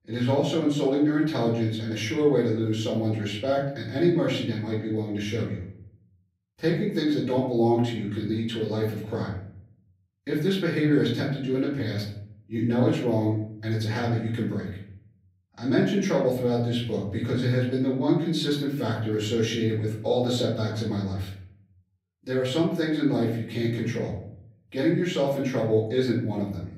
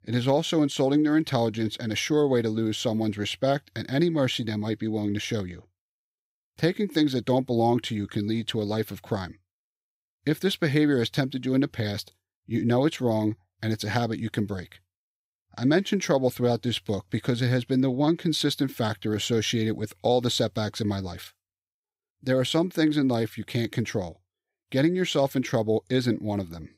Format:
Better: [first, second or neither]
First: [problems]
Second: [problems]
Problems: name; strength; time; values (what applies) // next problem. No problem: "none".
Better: second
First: off-mic speech; far // room echo; noticeable; dies away in 0.7 s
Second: none